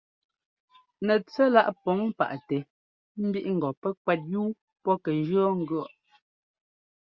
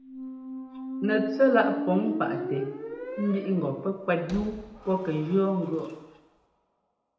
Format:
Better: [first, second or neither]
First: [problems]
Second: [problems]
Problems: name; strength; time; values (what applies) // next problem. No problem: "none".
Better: first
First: none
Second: background sound (Squeak); 8 dB below the speech // room echo; dies away in 0.8 s